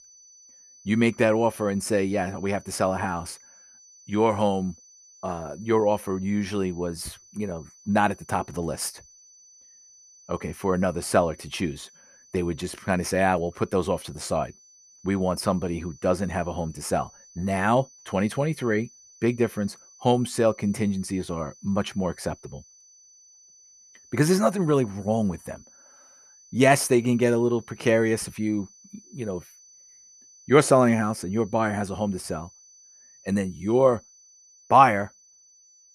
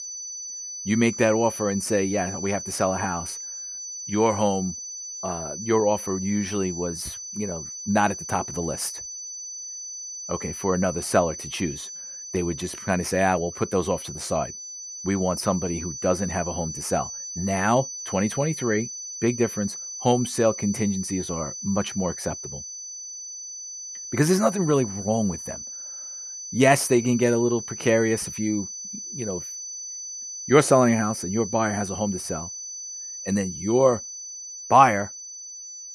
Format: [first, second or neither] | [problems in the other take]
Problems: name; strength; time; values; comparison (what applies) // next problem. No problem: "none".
first | high-pitched whine; loud; throughout; 6 kHz, 9 dB below the speech; faint in the first